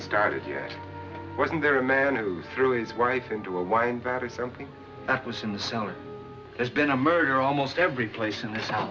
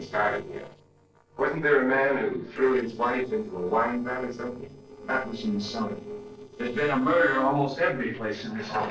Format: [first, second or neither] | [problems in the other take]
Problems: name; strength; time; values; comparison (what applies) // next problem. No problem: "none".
first | noise reduction (neural separator model SepFormer DNS4)